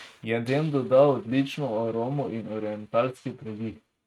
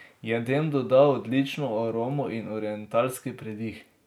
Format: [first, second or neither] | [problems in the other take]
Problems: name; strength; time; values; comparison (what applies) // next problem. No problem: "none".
second | noise reduction (neural mask model RNNoise)